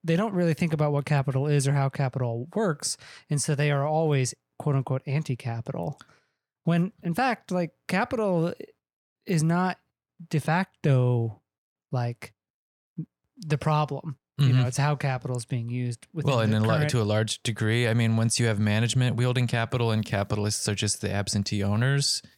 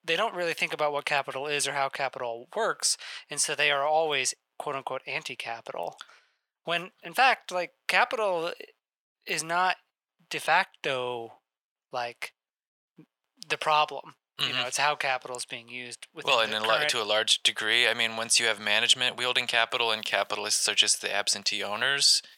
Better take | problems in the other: first | thin; very; fading below 750 Hz

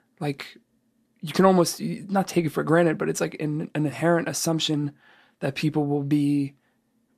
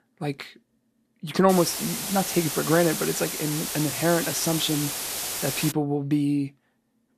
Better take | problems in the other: first | hiss; loud; from 1.5 to 5.5 s; 3 dB below the speech

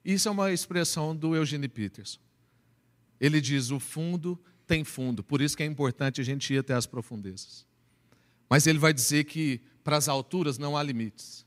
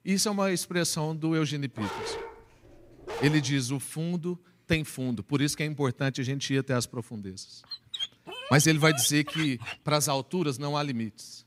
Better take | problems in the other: first | dog barking; noticeable; from 2 to 3.5 s and from 7.5 to 9.5 s; peak 5 dB below the speech

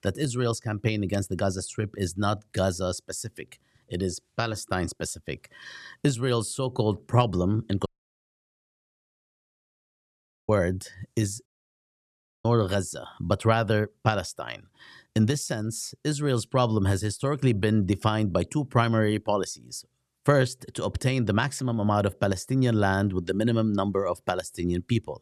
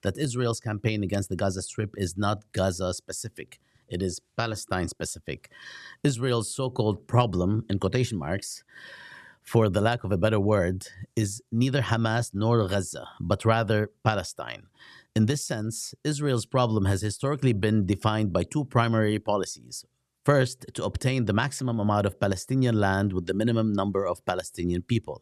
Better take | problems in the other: second | audio cutting out; at 8 s for 2.5 s and at 11 s for 1 s

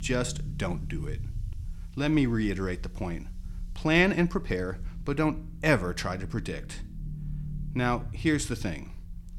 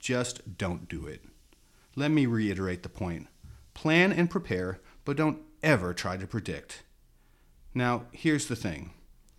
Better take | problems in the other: second | low rumble; faint; throughout; 25 dB below the speech

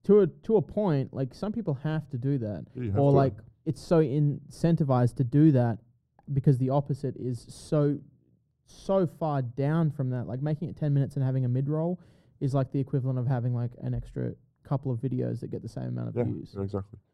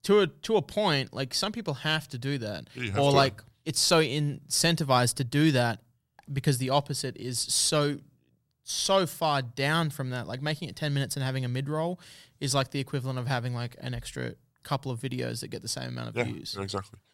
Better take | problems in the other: second | muffled; very; fading above 1 kHz

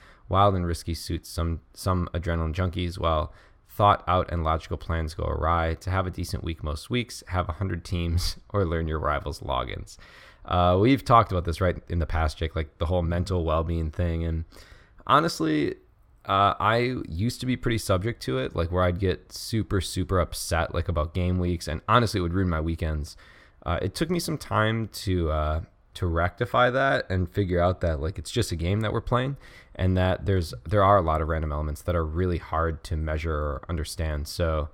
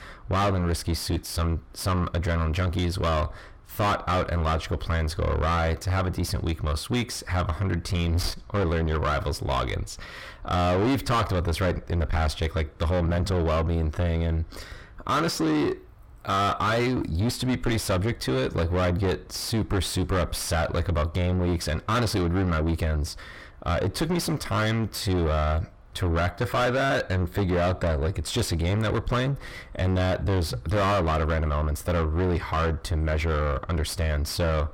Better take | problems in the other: first | distortion; heavy; 5 dB below the speech

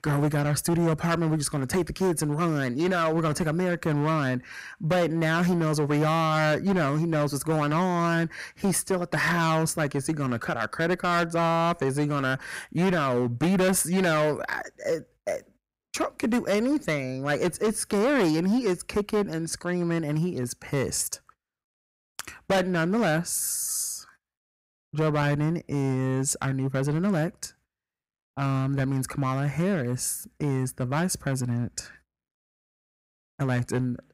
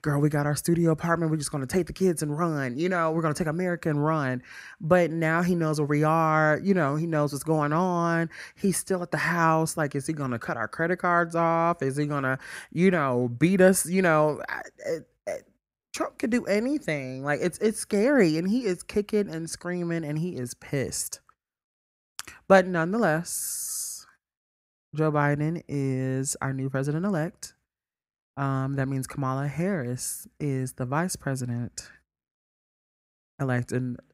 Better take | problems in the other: second | distortion; heavy; 11% of the sound clipped

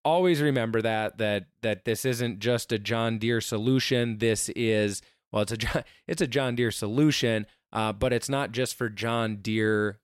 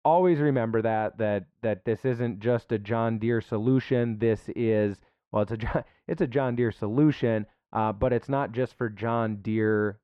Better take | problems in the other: first | muffled; very; fading above 3.5 kHz

